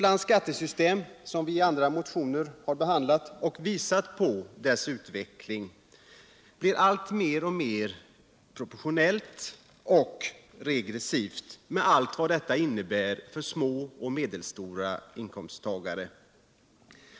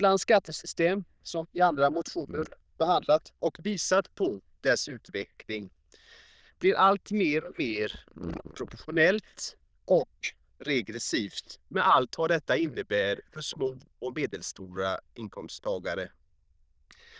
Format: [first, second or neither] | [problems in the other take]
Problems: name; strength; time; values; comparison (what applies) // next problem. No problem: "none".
first | noise reduction (neural diffusion model UNIVERSE++)